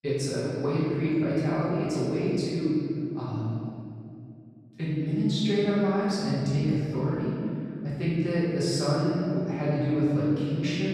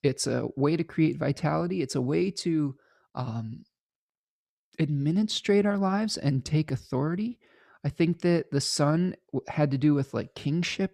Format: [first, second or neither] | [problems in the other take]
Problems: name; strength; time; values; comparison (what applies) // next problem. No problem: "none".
second | off-mic speech; far // room echo; strong; dies away in 2.4 s